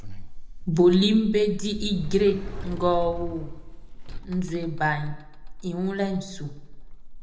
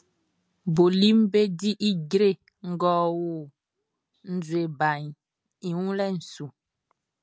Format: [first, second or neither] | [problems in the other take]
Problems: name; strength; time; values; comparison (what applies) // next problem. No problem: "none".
second | background sound (Sliding door); 8 dB below the speech // room echo; dies away in 0.8 s